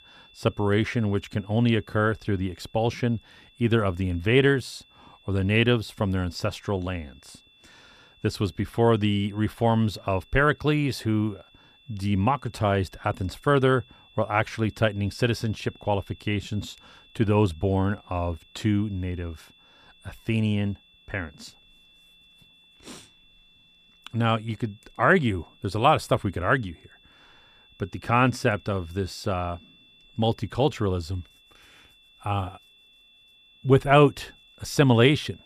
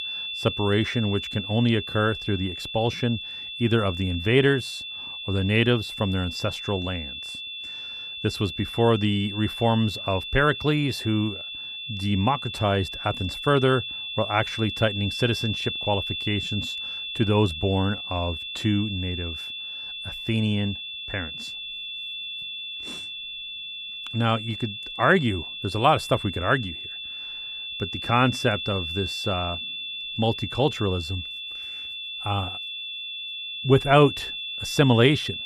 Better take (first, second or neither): first